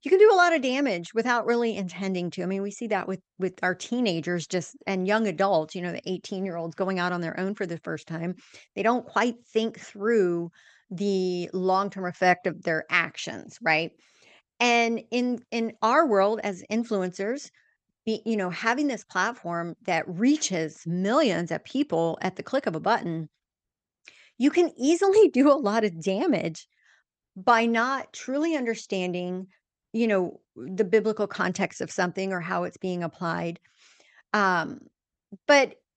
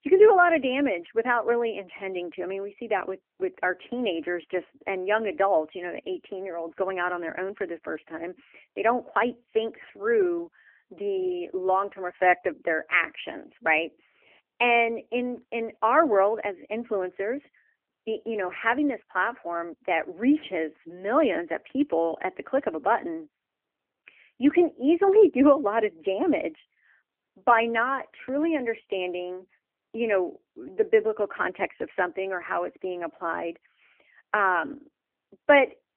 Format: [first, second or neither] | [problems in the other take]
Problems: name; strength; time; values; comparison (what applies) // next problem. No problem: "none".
first | phone-call audio; nothing above 3 kHz